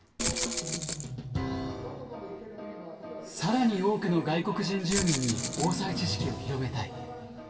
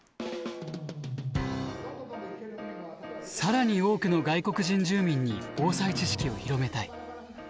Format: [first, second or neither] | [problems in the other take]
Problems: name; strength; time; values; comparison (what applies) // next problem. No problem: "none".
second | background sound (Rattle (instrument)); 3 dB below the speech // room echo; dies away in 2.1 s